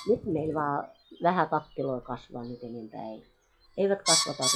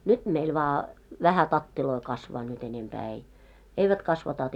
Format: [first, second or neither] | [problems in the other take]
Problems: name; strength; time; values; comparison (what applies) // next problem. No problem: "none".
second | noise reduction (classical method log-MMSE)